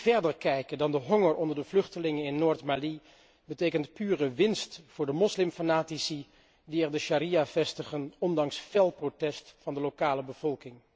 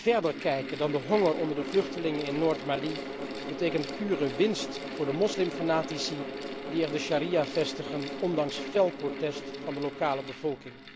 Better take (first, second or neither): first